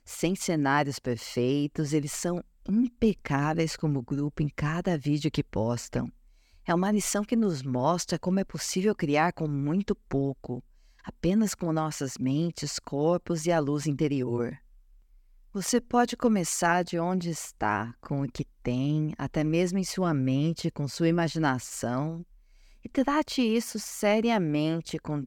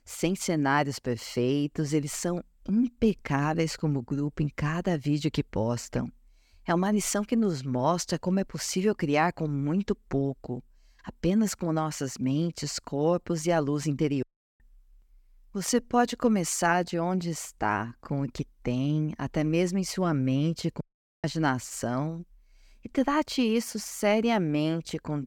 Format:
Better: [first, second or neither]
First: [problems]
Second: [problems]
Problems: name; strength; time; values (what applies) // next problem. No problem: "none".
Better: first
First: none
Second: audio cutting out; at 14 s and at 21 s